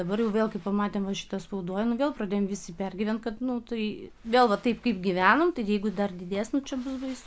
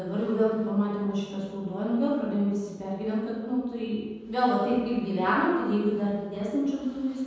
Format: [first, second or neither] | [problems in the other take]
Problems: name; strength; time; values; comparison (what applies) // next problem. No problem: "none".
first | room echo; dies away in 1.2 s